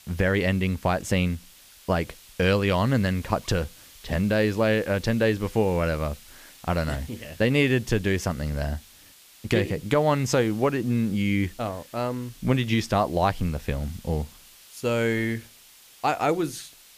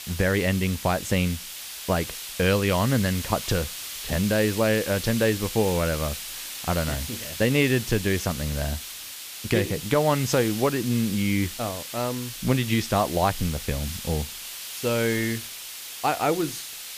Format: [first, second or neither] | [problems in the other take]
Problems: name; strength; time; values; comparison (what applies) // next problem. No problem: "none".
first | hiss; loud; throughout; 8 dB below the speech; faint in the first